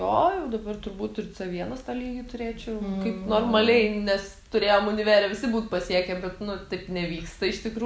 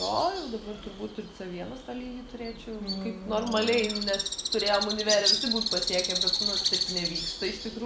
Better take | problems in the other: first | background sound (Bird); 1 dB below the speech

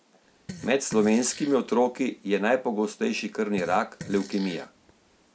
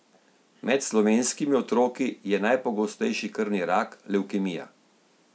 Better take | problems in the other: second | background sound (Fart); 18 dB below the speech

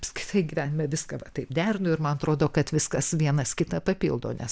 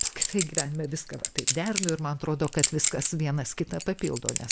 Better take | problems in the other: first | background sound (Chink, clink); 1 dB below the speech

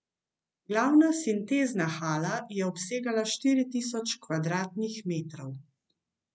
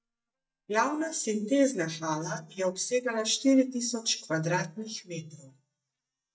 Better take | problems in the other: first | noise reduction (neural mask model DeepFilterNet 3)

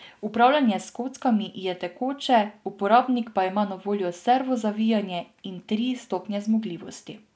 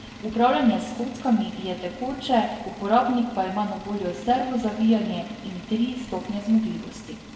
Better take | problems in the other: first | background sound (Engine); 16 dB below the speech // room echo; dies away in 1.1 s

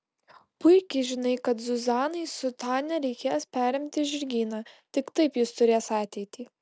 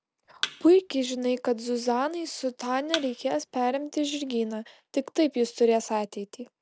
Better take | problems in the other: first | background sound (Thump, thud); 11 dB below the speech

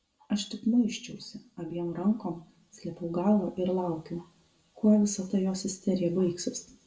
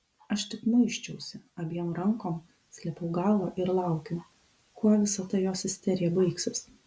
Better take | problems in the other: second | room echo; dies away in 0.5 s

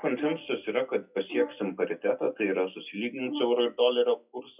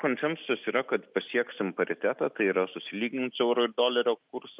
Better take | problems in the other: second | noise reduction (classical method WPE with log-MMSE)

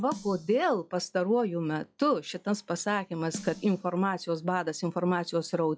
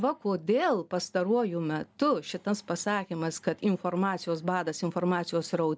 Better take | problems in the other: second | noise reduction (classical method log-MMSE)

